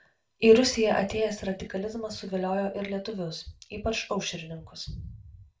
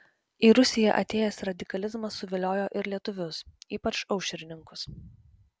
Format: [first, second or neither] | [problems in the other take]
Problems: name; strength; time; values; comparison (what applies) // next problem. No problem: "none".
second | room echo; dies away in 0.3 s